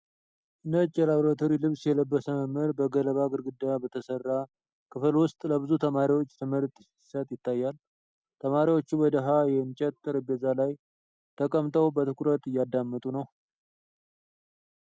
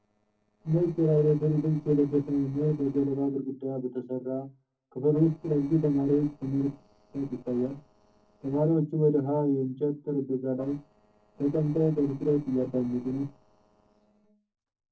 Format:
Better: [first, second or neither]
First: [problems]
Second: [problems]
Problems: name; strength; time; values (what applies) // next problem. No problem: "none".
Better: first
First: none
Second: noise reduction (neural separator model SepFormer DNS4)